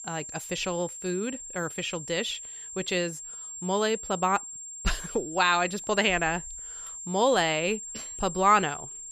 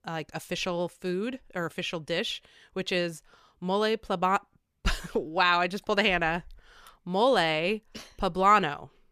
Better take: second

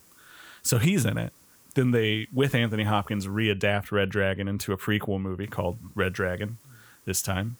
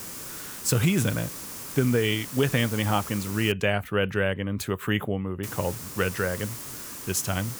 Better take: first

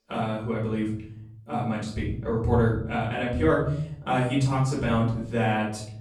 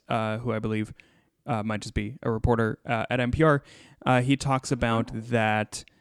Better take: second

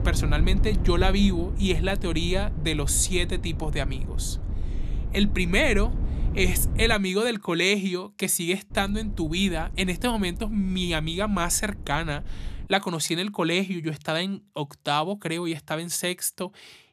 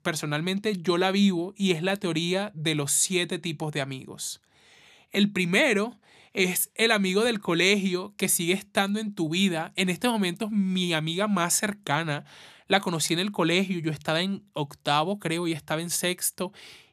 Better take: second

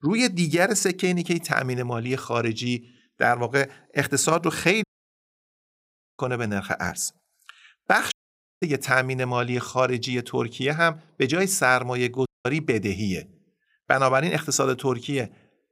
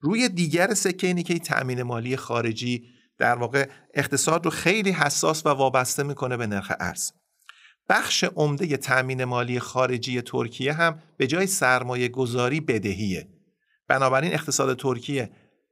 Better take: second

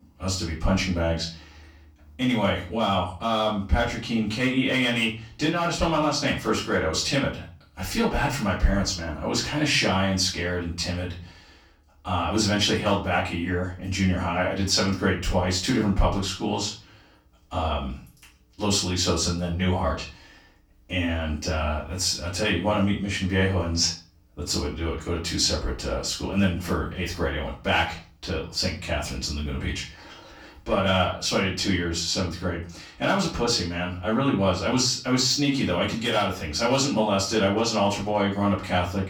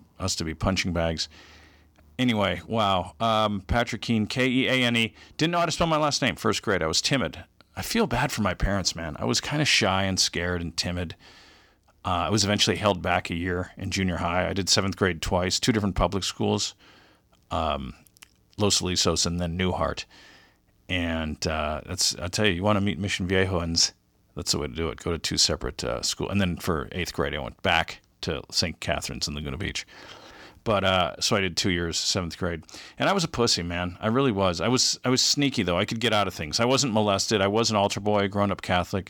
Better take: second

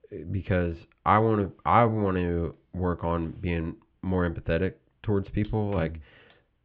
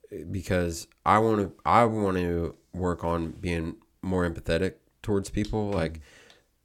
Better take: second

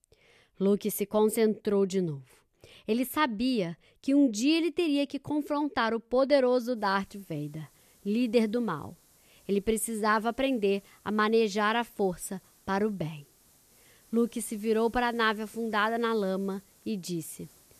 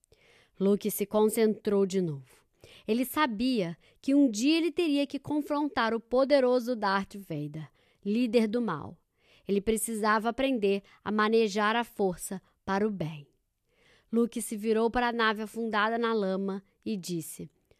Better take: second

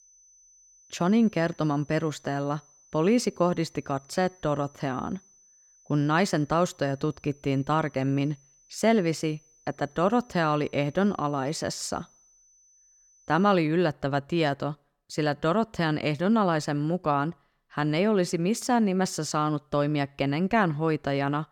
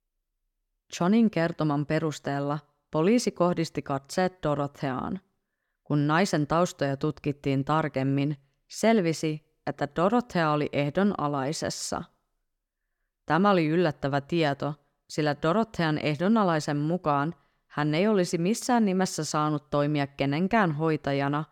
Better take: second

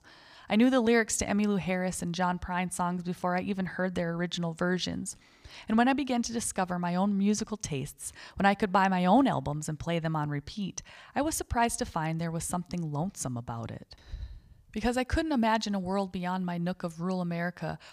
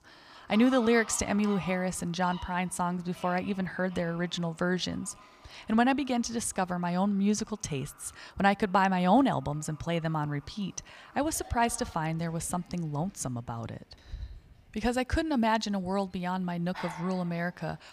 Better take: first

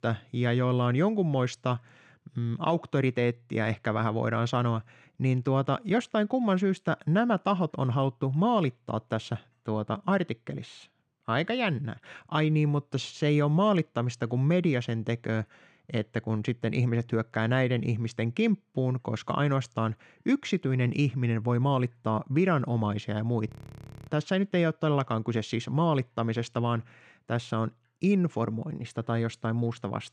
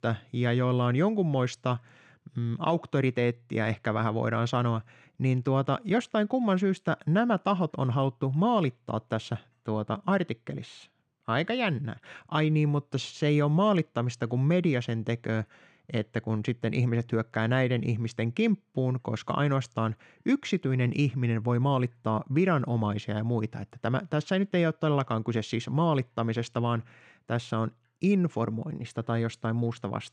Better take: second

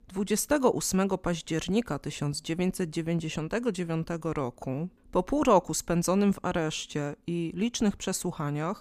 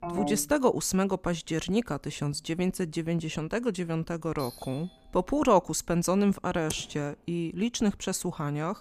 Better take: first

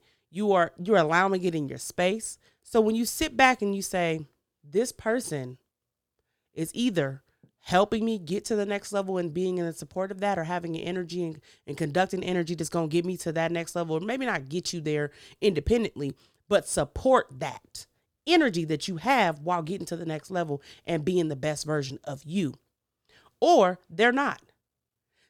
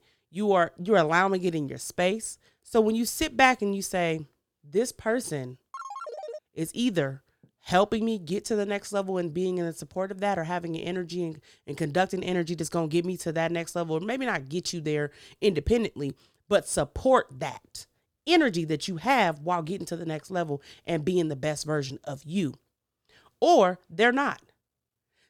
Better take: first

